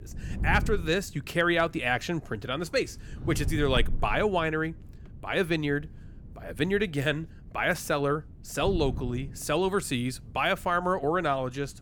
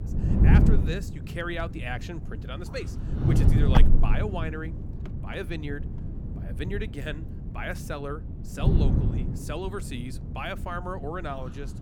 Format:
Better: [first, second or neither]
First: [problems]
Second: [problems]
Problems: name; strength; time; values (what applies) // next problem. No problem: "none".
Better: first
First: wind noise on the microphone; occasional gusts; 25 dB below the speech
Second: wind noise on the microphone; heavy; 3 dB below the speech